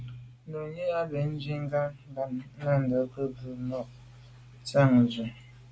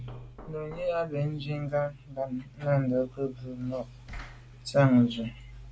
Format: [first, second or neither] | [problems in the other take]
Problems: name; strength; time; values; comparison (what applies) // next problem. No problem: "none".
first | background sound (Knock); 20 dB below the speech